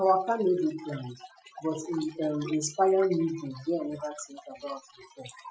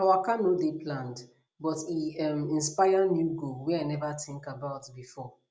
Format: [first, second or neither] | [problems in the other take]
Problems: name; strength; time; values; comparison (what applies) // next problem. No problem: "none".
second | noise reduction (classical method Wiener filter)